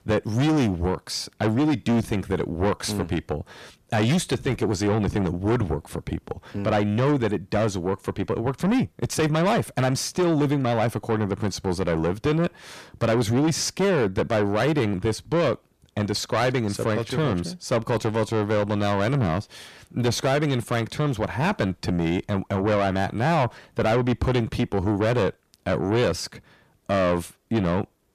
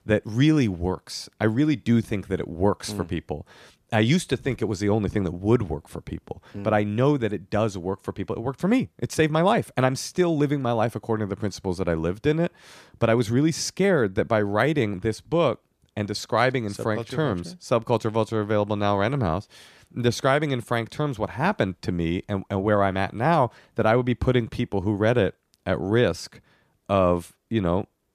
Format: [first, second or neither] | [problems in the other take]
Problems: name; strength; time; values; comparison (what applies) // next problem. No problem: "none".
second | distortion; heavy; 7 dB below the speech